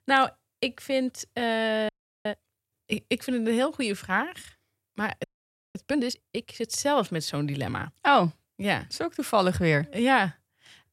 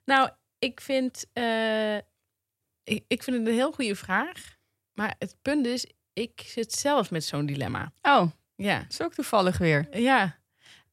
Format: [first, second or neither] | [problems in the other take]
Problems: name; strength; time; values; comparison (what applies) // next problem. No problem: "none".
second | audio freezing; at 2 s and at 5 s for 0.5 s